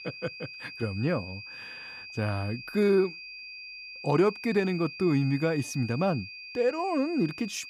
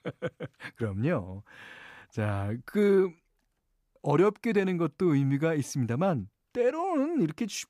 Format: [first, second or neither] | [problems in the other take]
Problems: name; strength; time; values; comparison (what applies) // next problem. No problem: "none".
second | high-pitched whine; noticeable; throughout; 2.5 kHz, 10 dB below the speech